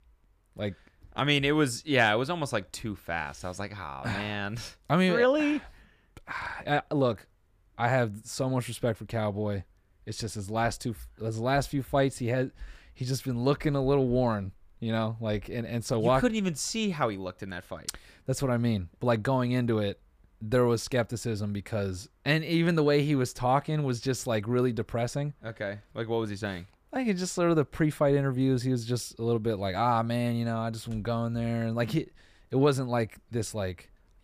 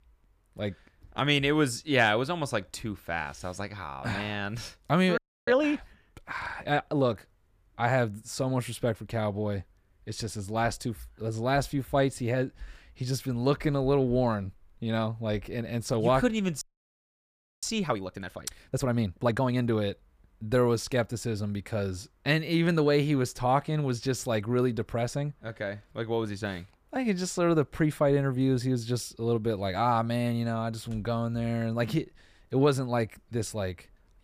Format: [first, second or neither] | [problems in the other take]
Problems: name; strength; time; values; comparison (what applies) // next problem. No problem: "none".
first | audio freezing; at 5 s and at 17 s for 1 s